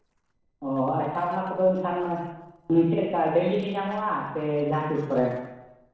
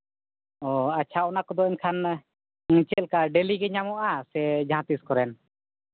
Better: second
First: noise reduction (neural separator model SepFormer DNS4)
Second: none

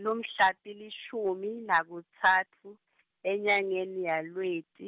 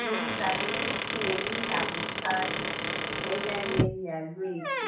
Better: first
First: none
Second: background sound (Squeak / Wood); 3 dB above the speech // room echo; dies away in 0.6 s

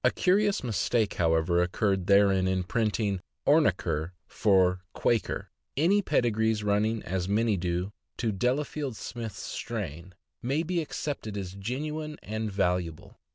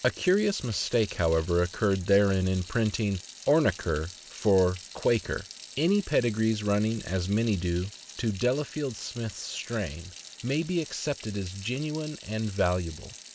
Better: first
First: none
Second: background sound (Sink (filling or washing) / Water tap, faucet); 18 dB below the speech

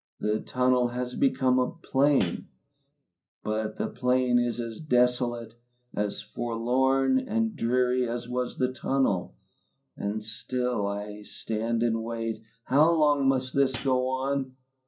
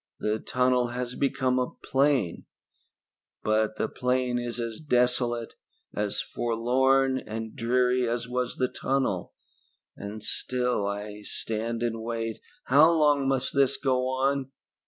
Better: second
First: background sound (Hi-hat); 13 dB below the speech // room echo; dies away in 0.3 s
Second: none

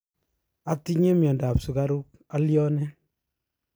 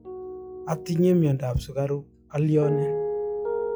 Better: first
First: none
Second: noise reduction (classical method log-MMSE)

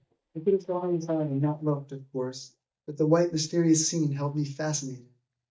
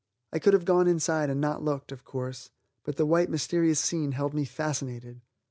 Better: second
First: noise reduction (neural mask model DeepFilterNet 3)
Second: none

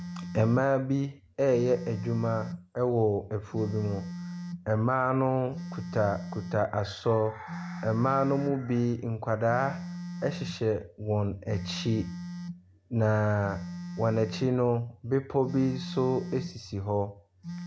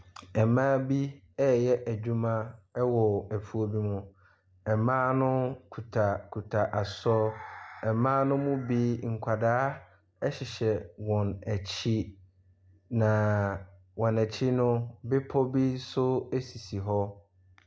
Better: second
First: background sound (Telephone); 11 dB below the speech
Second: none

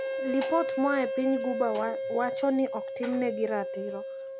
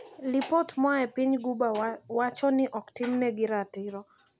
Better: second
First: background sound (Wind instrument, woodwind instrument); 3 dB below the speech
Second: none

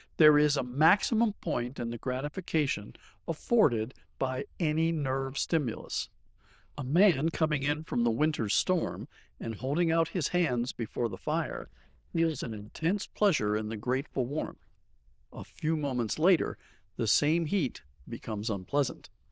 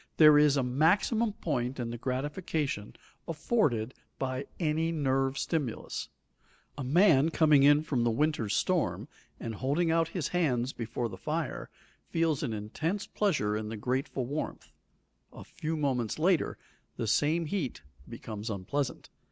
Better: second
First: noise reduction (neural diffusion model UNIVERSE++)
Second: none

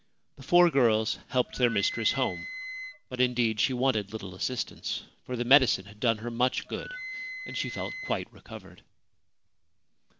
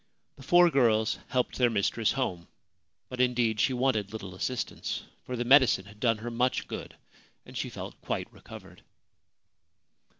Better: second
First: background sound (Wind instrument, woodwind instrument); 12 dB below the speech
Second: none

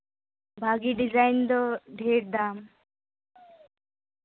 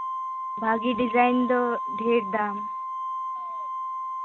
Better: first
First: none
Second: background sound (Organ); 4 dB below the speech

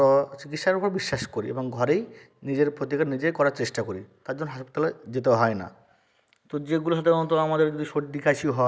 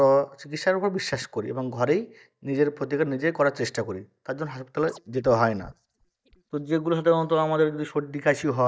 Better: first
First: none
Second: noise reduction (neural mask model DeepFilterNet 3)

